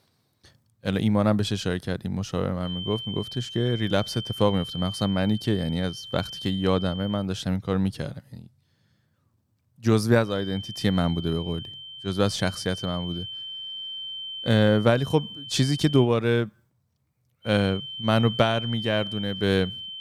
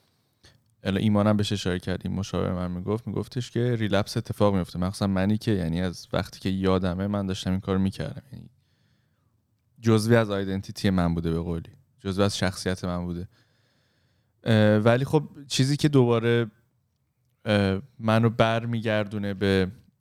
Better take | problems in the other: second | high-pitched whine; loud; from 2.5 to 7 s, from 10 to 16 s and from 17 s on; 3 kHz, 10 dB below the speech

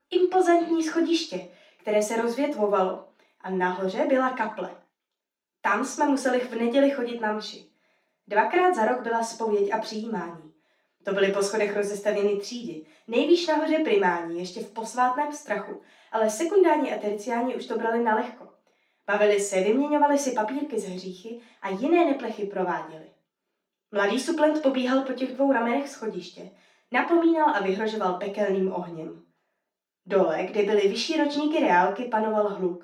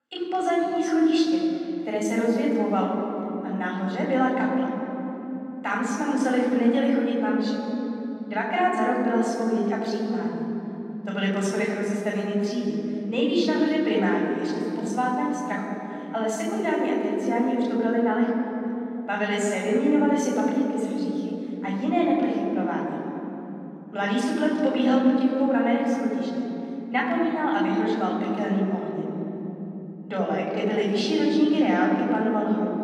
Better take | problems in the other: first | room echo; strong; dies away in 3 s; slight in the first // off-mic speech; far; far in the first

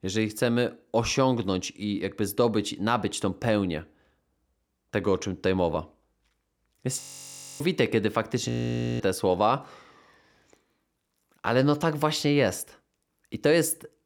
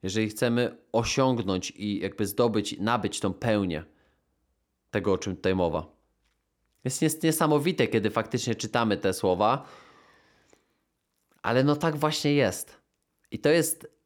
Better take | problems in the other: second | audio freezing; at 7 s for 0.5 s and at 8.5 s for 0.5 s

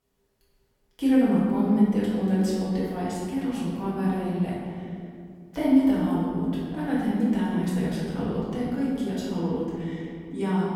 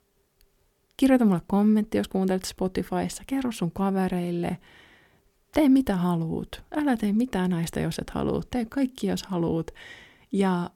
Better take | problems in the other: second | off-mic speech; far // room echo; strong; dies away in 2.2 s

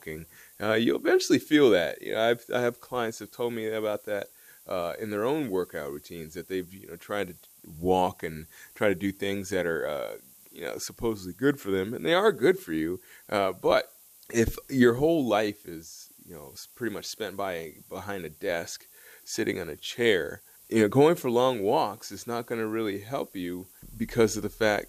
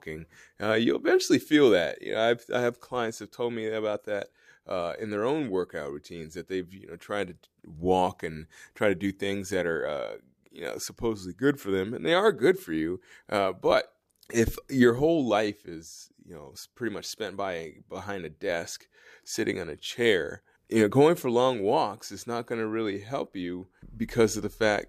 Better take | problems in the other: second | hiss; faint; throughout; 25 dB below the speech

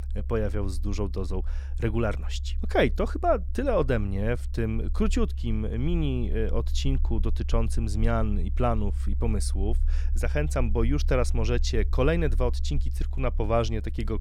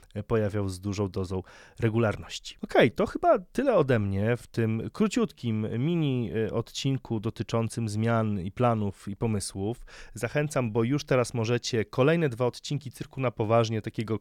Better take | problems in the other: second | low rumble; faint; throughout; 20 dB below the speech

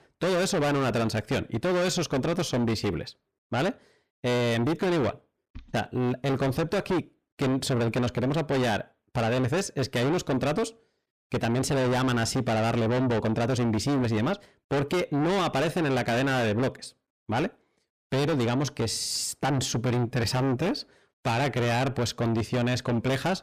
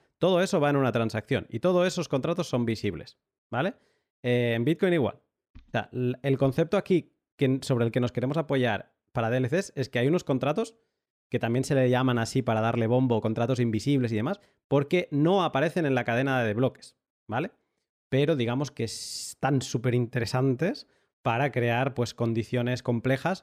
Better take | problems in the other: second | distortion; heavy; 6 dB below the speech

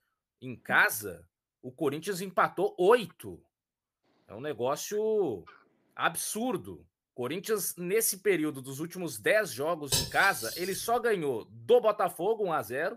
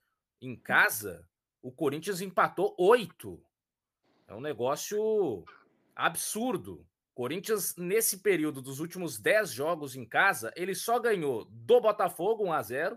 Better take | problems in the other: second | clattering dishes; loud; at 10 s; peak level with the speech

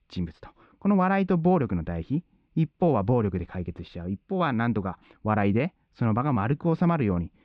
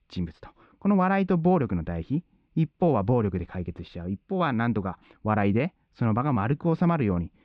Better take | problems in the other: neither | muffled; slightly; fading above 3.5 kHz; the same in both

